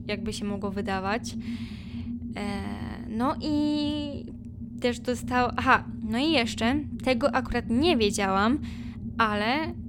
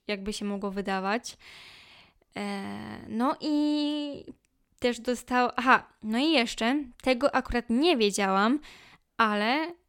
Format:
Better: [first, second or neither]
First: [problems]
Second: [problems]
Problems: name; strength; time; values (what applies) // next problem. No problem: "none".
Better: second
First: low rumble; noticeable; throughout; 15 dB below the speech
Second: none